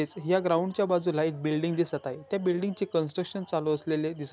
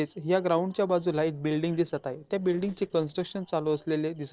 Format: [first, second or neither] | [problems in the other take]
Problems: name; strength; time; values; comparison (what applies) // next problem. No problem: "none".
first | noise reduction (neural separator model SepFormer DNS4)